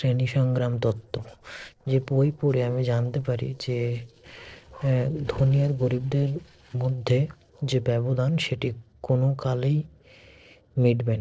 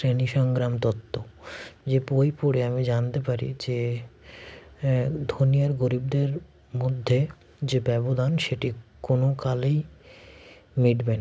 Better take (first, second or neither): second